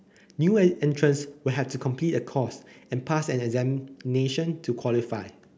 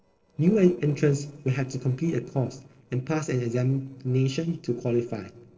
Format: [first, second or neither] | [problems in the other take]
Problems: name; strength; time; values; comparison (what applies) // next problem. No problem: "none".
first | noise reduction (neural separator model SepFormer DNS4)